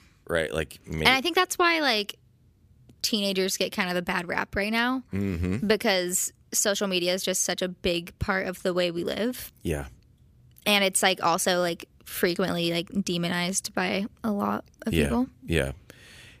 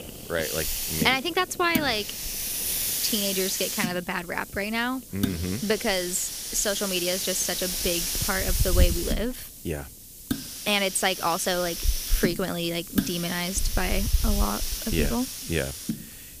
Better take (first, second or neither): first